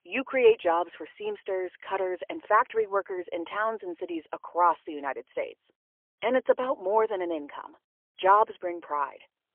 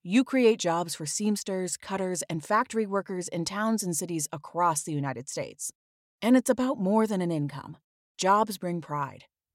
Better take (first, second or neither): second